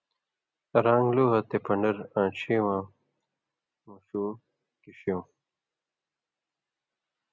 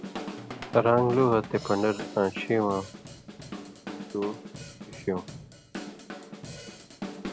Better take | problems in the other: first | background sound (Drum / Drum kit); 11 dB below the speech

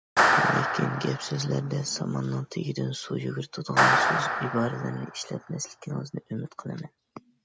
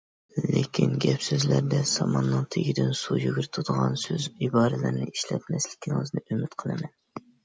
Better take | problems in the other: second | background sound (Clapping); 2 dB above the speech

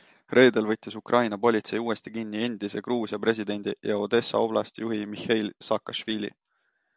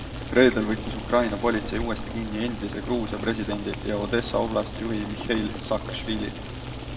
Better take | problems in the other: first | background sound (Boiling); 7 dB below the speech // room echo; dies away in 1.1 s

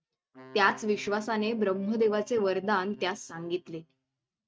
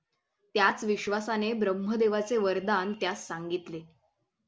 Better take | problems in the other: second | noise reduction (neural mask model RNNoise)

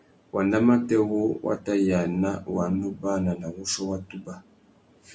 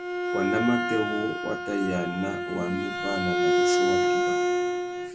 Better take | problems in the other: first | background sound (Bowed string instrument); 4 dB above the speech

